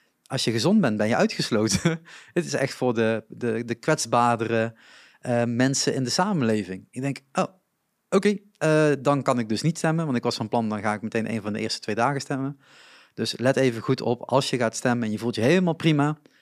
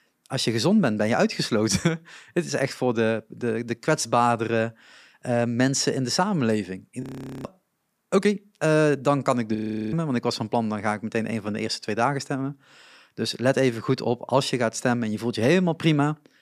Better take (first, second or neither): first